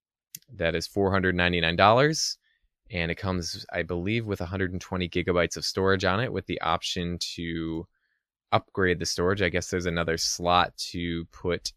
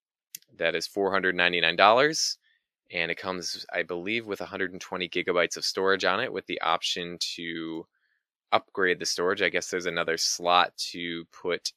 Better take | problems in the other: first | thin; somewhat; fading below 300 Hz

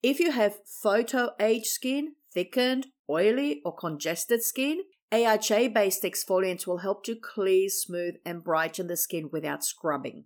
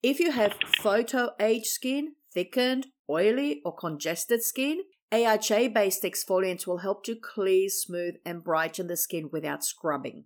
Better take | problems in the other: first | phone ringing; loud; at 0.5 s; peak 2 dB above the speech

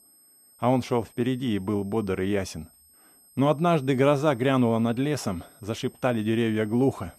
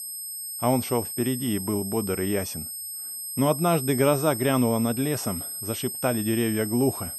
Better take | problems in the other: first | high-pitched whine; loud; throughout; 8.5 kHz, 6 dB below the speech; faint in the first

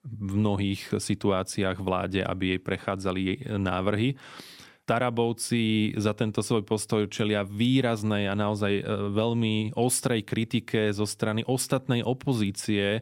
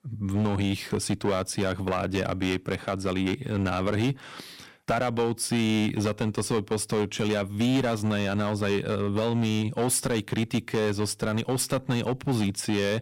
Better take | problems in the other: first | distortion; slight; 9% of the sound clipped

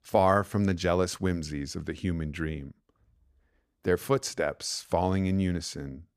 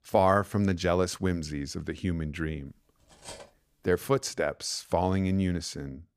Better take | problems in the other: first | clattering dishes; faint; at 3 s; peak 15 dB below the speech

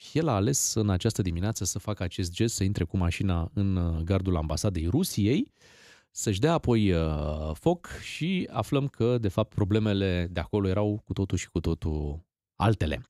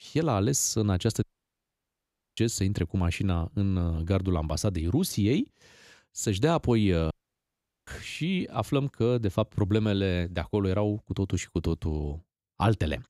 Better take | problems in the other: first | audio cutting out; at 1 s for 1 s and at 7 s for 1 s

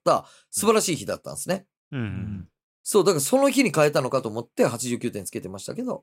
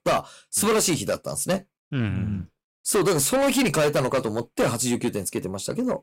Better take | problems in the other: first | distortion; heavy; 6 dB below the speech

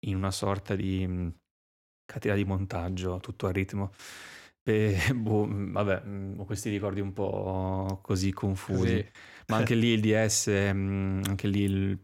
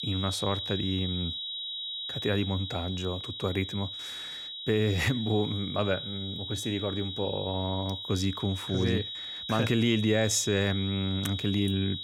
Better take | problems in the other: first | high-pitched whine; loud; throughout; 4 kHz, 5 dB below the speech

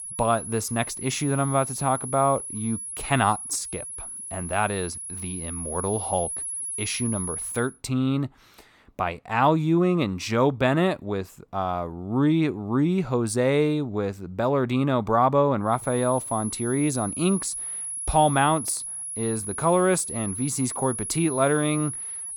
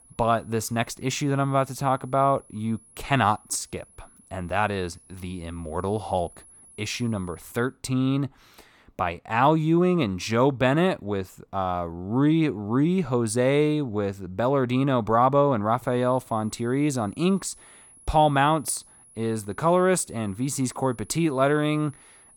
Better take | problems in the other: second | high-pitched whine; loud; until 7.5 s and from 16 s on; 10.5 kHz, 6 dB below the speech; faint in the second

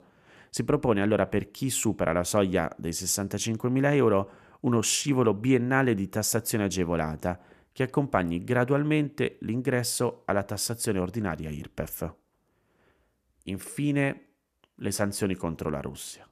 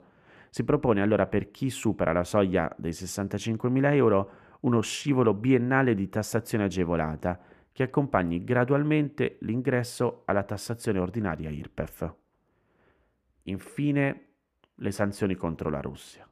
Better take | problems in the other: first | muffled; slightly; fading above 4 kHz

